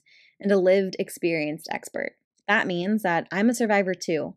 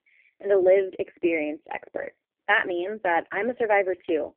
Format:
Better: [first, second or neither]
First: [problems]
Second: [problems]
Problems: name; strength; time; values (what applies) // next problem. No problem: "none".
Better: first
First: none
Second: phone-call audio; poor line; nothing above 3 kHz